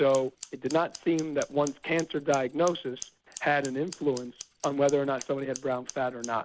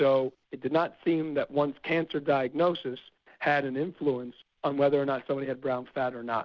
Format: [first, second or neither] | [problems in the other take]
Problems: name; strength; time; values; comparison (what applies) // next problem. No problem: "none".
second | background sound (Scissors); 17 dB below the speech